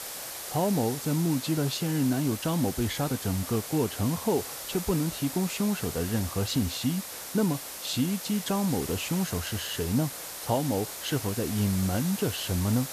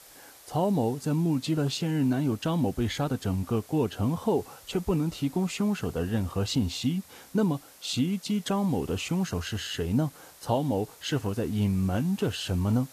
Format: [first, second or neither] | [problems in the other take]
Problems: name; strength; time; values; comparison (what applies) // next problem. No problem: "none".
second | hiss; loud; throughout; 7 dB below the speech; faint in the second